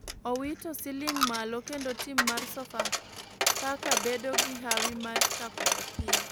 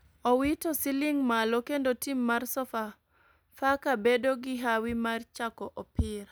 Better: second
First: background sound (Coin (dropping)); 4 dB above the speech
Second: none

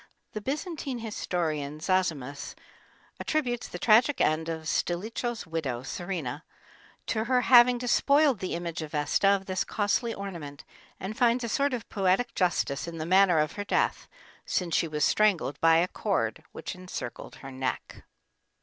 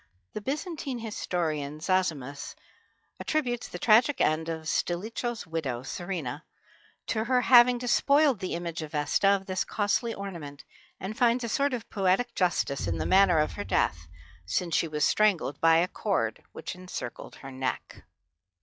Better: first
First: none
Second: noise reduction (classical method log-MMSE)

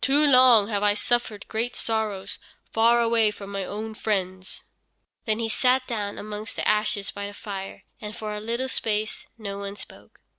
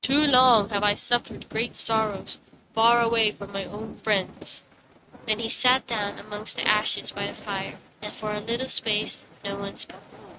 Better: first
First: none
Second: noise reduction (neural mask model RNNoise)

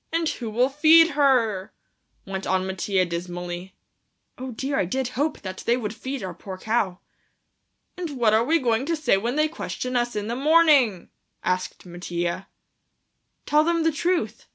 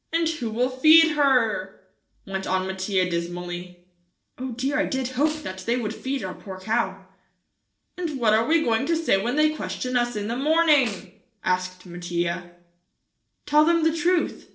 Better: first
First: none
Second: noise reduction (neural separator model SepFormer DNS4)

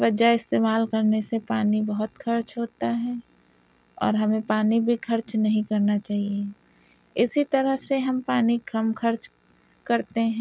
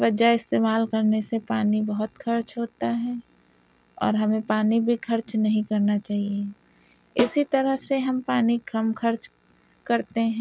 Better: first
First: none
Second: background sound (Snare drum); 9 dB below the speech

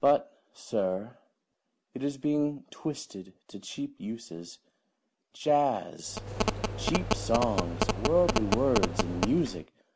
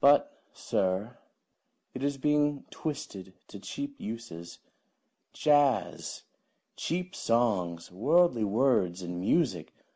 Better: second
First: background sound (Telephone); as loud as the speech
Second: none

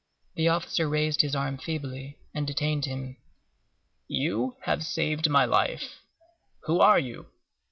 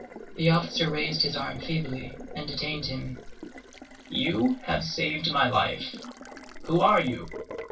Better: first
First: none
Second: background sound (Water tap, faucet); 14 dB below the speech // room echo; dies away in 0.1 s

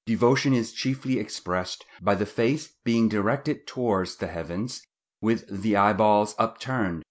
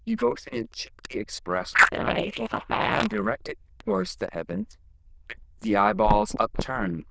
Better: first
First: none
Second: noise reduction (neural diffusion model UNIVERSE++)

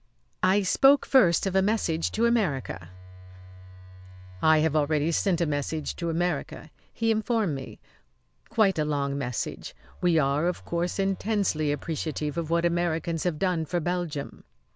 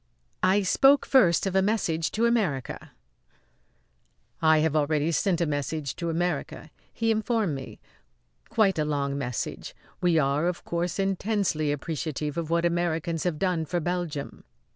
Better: second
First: background sound (Telephone); 20 dB below the speech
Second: none

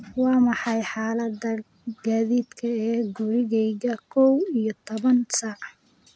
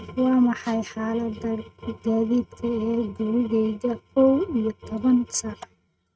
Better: first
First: none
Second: noise reduction (neural mask model RNNoise)

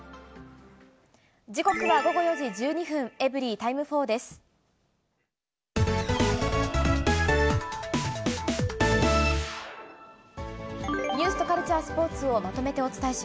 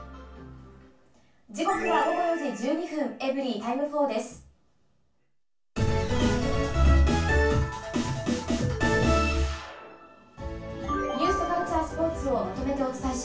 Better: first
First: none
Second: room echo; dies away in 0.3 s

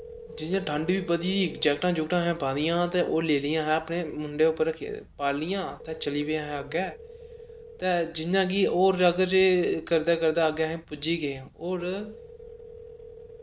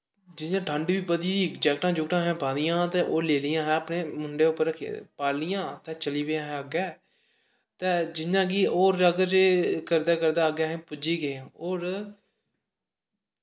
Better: second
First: background sound (Telephone); 19 dB below the speech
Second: none

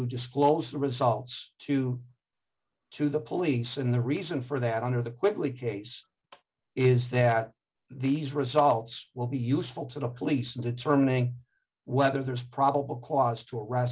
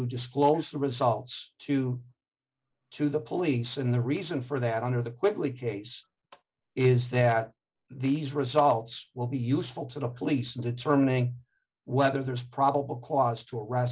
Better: first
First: none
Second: noise reduction (neural mask model Resemble Enhance denoiser)

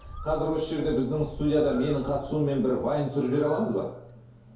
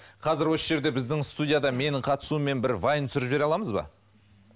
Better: second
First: background sound (Bird); 15 dB below the speech // room echo; dies away in 2.4 s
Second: none

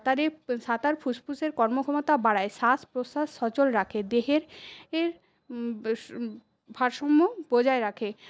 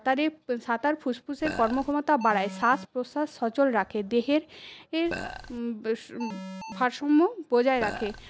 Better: first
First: none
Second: background sound (Burping, eructation + Alarm); 10 dB below the speech

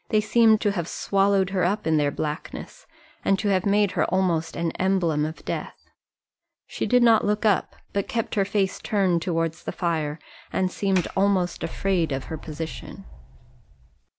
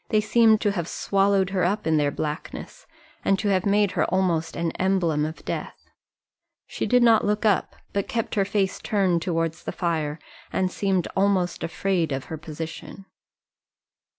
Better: second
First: background sound (Sliding door); 13 dB below the speech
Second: none

